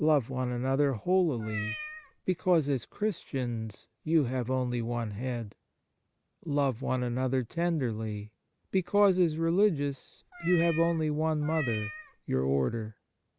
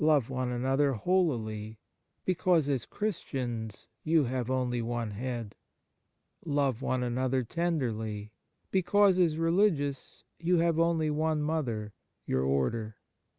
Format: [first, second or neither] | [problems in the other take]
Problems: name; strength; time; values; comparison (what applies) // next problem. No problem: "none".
second | background sound (Meow); 11 dB below the speech